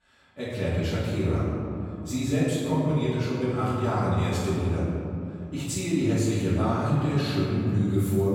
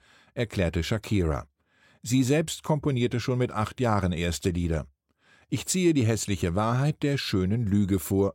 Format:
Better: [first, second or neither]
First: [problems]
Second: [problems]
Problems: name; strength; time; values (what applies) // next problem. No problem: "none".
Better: second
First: room echo; strong; dies away in 2.8 s // off-mic speech; far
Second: none